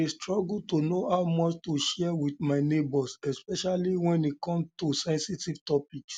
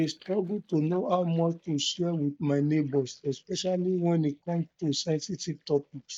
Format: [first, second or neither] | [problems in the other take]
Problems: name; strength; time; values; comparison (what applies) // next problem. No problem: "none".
first | noise reduction (neural mask model DeepFilterNet 3)